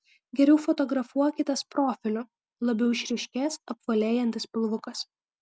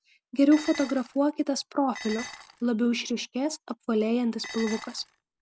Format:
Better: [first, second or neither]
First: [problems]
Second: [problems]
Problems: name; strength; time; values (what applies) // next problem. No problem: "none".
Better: first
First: none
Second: background sound (Dishes, pots, and pans); 15 dB below the speech